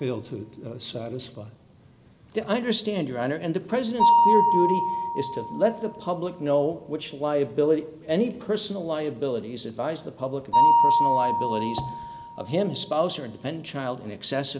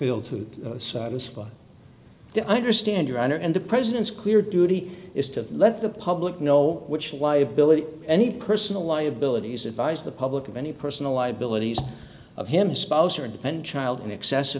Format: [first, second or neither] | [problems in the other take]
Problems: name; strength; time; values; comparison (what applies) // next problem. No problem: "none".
second | background sound (Mallet percussion); as loud as the speech